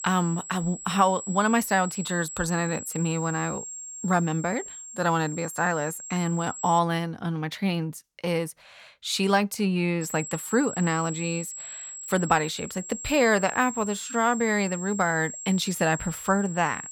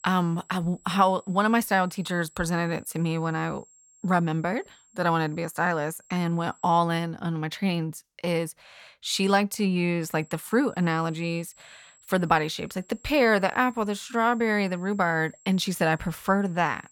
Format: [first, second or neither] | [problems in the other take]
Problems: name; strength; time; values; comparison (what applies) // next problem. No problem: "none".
second | high-pitched whine; loud; until 7 s and from 10 s on; 7.5 kHz, 10 dB below the speech; faint in the second